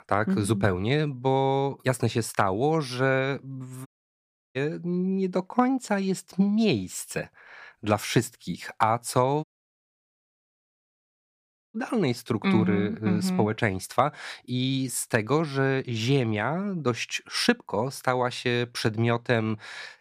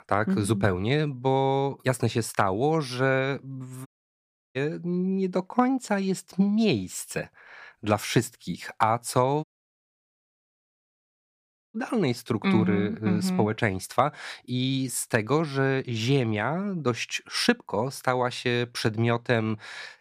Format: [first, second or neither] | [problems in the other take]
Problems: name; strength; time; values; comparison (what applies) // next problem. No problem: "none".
neither | audio cutting out; at 4 s for 0.5 s and at 9.5 s for 2.5 s; the same in both